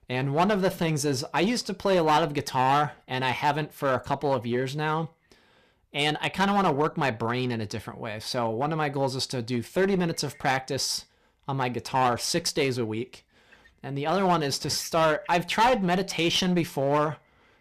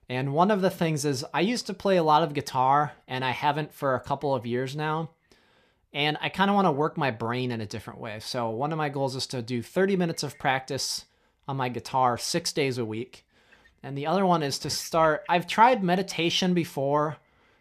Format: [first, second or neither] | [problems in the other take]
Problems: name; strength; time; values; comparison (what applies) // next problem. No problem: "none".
second | distortion; slight; 7% of the sound clipped